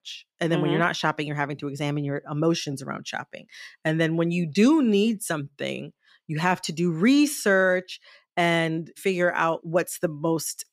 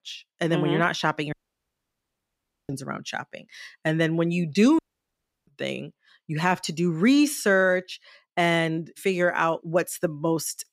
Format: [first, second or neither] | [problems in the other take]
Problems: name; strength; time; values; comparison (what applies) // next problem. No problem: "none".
first | audio cutting out; at 1.5 s for 1.5 s and at 5 s for 0.5 s